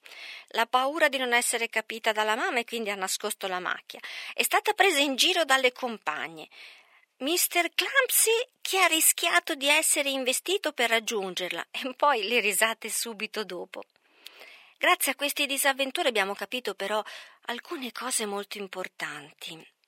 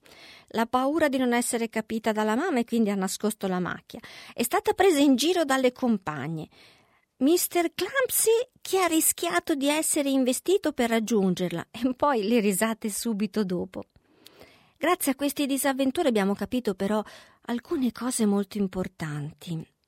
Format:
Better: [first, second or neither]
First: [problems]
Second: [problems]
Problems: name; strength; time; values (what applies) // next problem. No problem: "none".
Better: second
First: thin; somewhat; fading below 600 Hz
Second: none